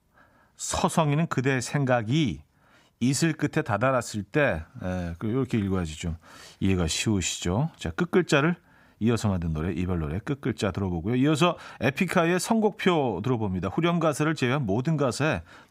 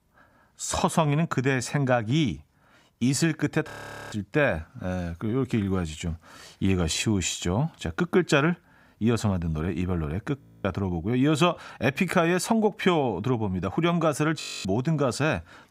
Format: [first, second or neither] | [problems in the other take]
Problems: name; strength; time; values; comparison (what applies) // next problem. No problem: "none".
first | audio freezing; at 3.5 s, at 10 s and at 14 s